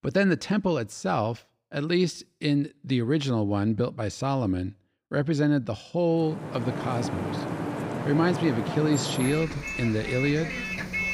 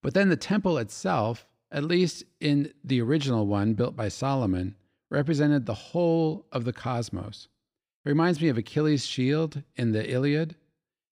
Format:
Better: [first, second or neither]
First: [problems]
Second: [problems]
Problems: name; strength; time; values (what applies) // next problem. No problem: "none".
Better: second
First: traffic noise; loud; from 6.5 s on; 5 dB below the speech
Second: none